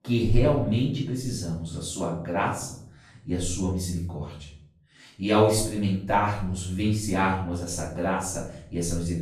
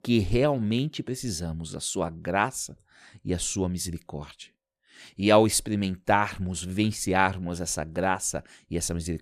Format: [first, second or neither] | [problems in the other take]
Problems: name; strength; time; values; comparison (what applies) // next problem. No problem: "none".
second | off-mic speech; far // room echo; noticeable; dies away in 0.6 s